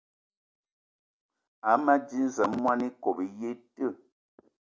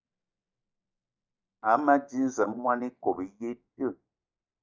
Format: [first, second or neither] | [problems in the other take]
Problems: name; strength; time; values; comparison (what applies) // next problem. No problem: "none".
first | noise reduction (neural mask model DeepFilterNet 3)